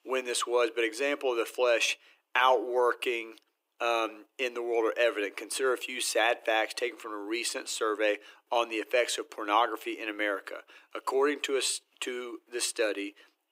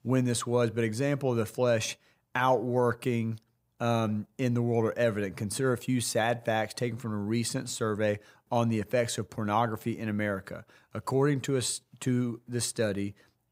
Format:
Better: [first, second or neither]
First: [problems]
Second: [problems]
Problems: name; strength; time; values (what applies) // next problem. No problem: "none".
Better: second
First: thin; very; fading below 300 Hz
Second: none